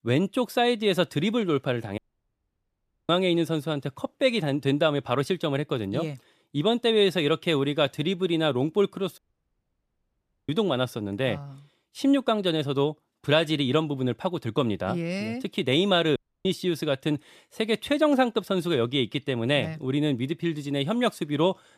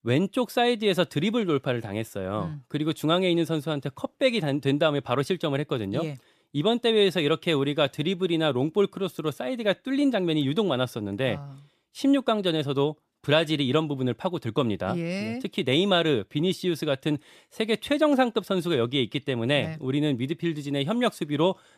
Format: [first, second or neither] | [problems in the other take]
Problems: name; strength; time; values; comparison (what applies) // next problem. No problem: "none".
second | audio cutting out; at 2 s for 1 s, at 9 s for 1.5 s and at 16 s